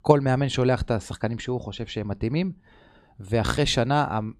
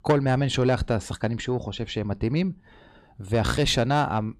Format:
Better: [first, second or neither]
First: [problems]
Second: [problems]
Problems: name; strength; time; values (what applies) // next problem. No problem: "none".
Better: first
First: none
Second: distortion; slight; 10 dB below the speech